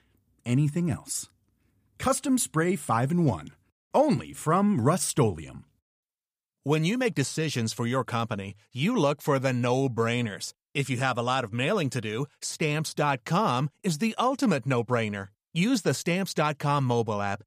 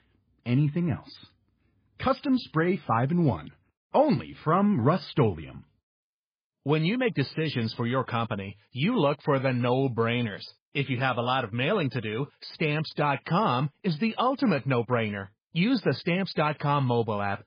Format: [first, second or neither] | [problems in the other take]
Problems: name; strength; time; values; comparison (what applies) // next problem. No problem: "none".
first | garbled, watery; badly; nothing above 5 kHz